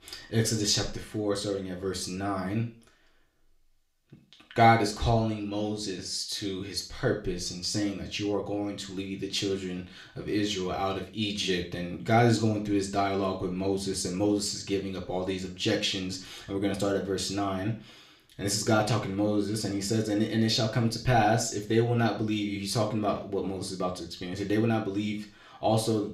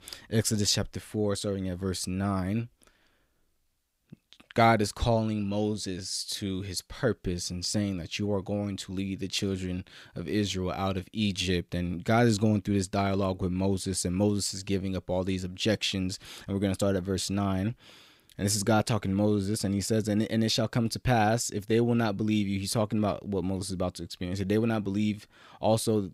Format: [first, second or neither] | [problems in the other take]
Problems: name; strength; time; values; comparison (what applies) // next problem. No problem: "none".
second | room echo; slight; dies away in 0.4 s // off-mic speech; somewhat distant